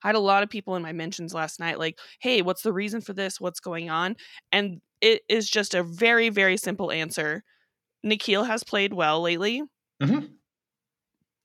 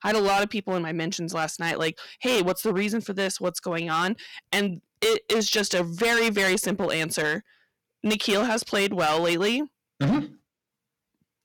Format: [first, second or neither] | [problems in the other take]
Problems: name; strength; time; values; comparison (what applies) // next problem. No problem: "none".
first | distortion; heavy; 11% of the sound clipped